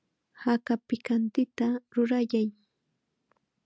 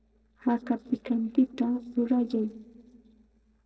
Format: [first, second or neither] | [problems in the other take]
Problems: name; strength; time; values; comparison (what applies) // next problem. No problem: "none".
first | noise reduction (neural separator model SepFormer DNS4)